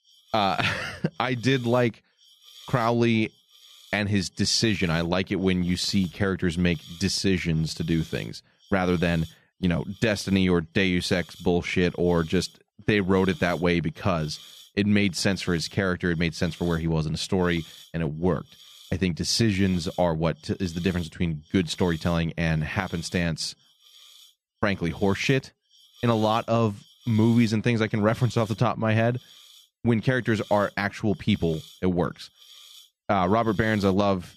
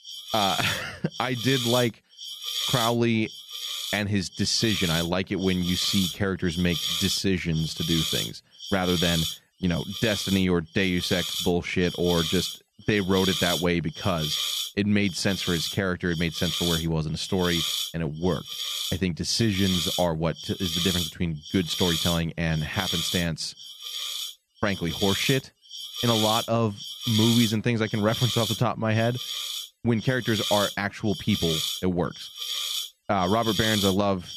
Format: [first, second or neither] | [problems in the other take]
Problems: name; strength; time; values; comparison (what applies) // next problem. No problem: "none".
first | hiss; loud; throughout; 3 dB below the speech; faint in the first